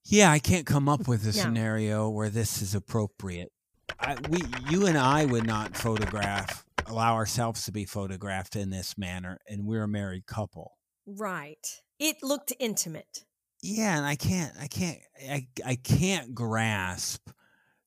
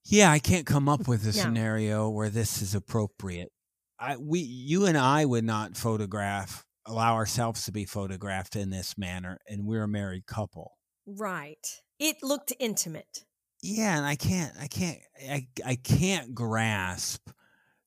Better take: second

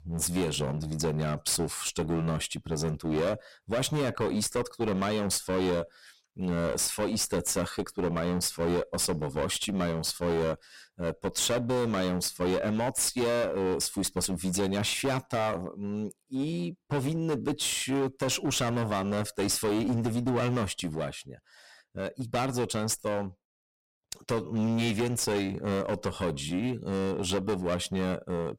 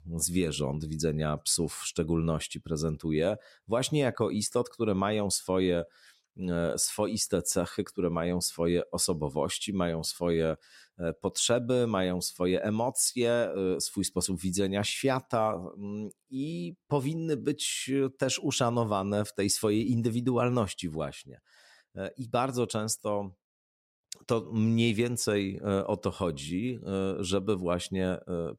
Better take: second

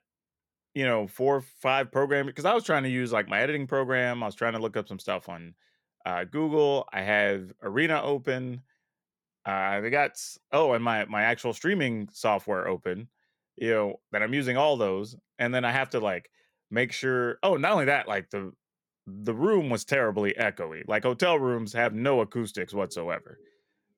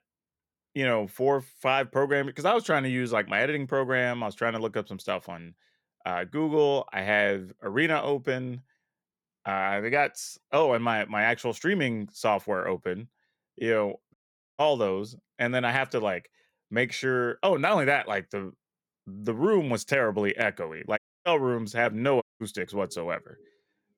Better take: first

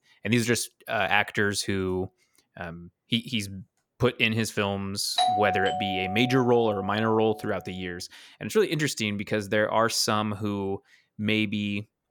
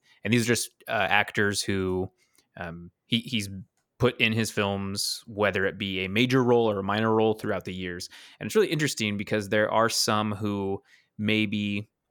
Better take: second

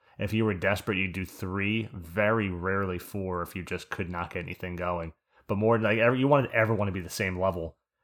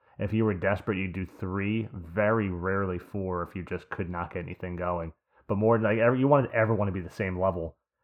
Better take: first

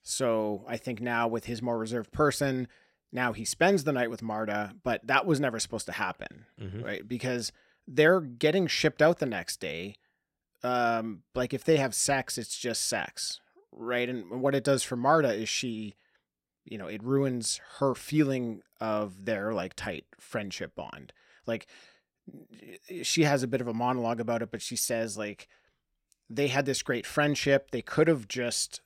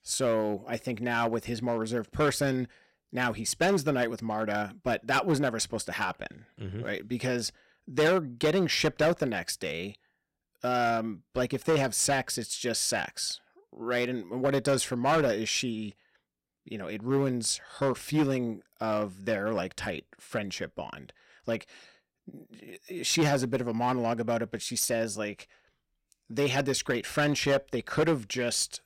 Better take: first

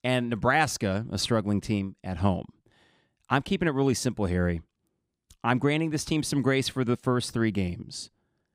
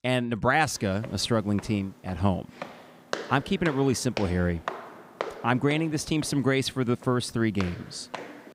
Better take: first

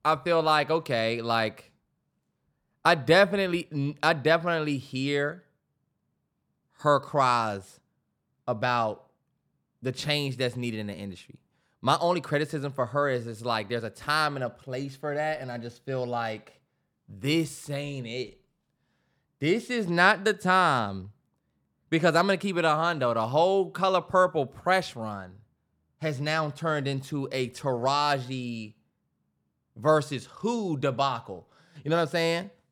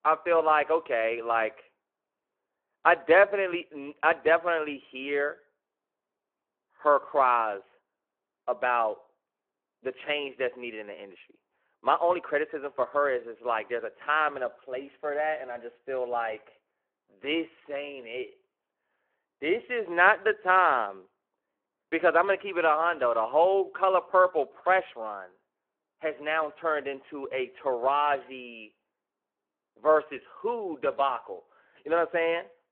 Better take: first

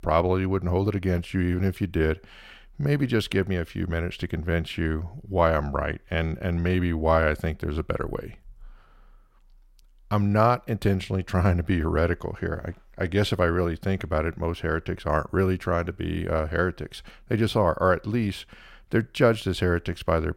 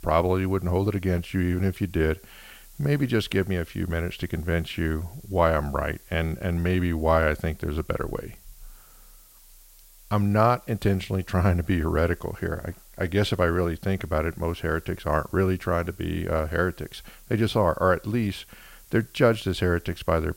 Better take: first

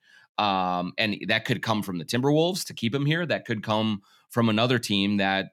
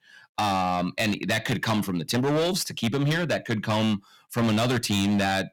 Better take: first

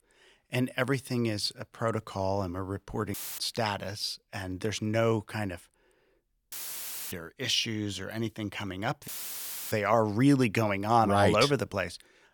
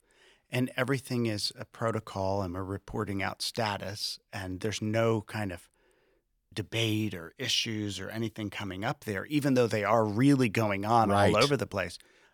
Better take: second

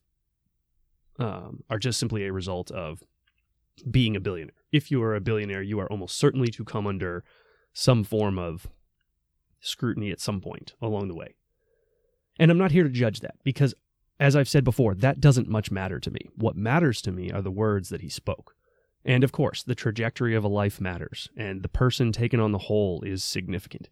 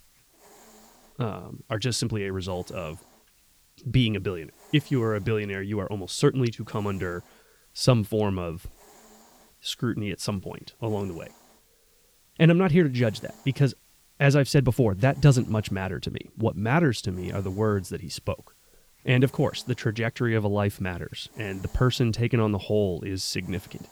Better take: first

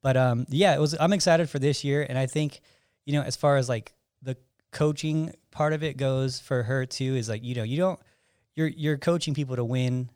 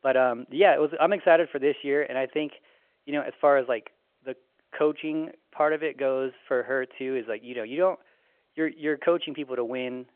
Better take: first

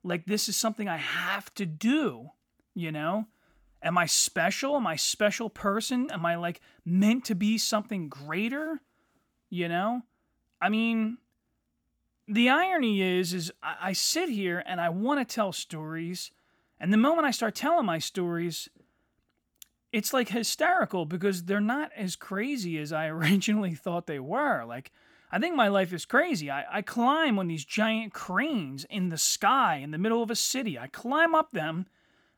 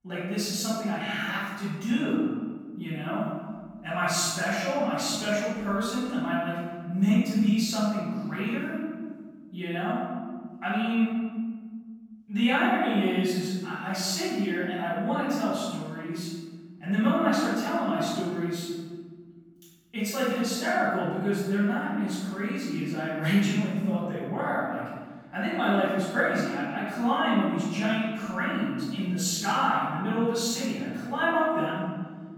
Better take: first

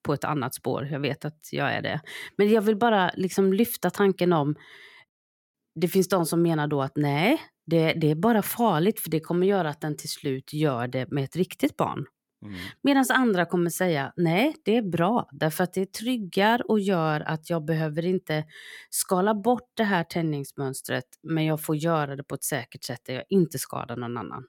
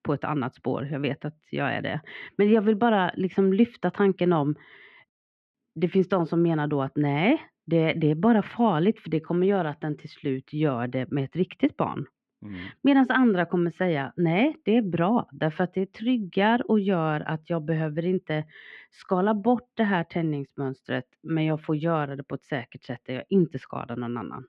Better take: first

